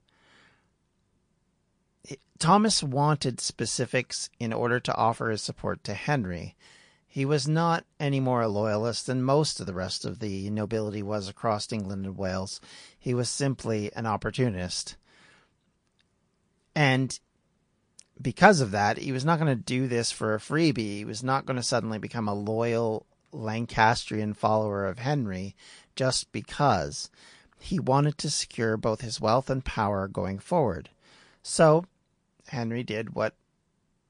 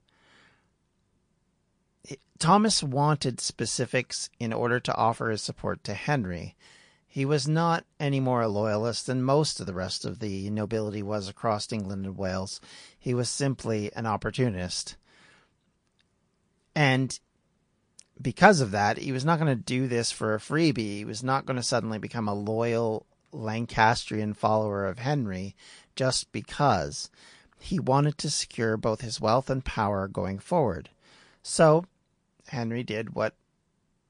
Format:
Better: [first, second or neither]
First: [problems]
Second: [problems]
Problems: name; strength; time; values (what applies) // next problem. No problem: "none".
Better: neither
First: garbled, watery; slightly; nothing above 9 kHz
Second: garbled, watery; slightly; nothing above 9 kHz